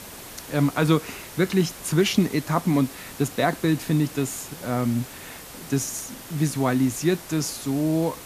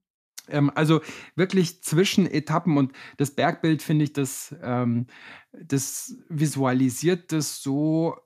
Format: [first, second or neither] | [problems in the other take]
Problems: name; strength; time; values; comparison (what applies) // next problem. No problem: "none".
second | hiss; noticeable; throughout; 15 dB below the speech